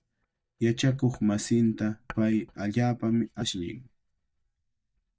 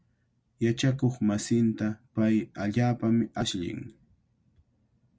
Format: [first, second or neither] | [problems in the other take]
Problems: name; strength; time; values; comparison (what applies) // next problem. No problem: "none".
second | noise reduction (neural mask model DeepFilterNet 3)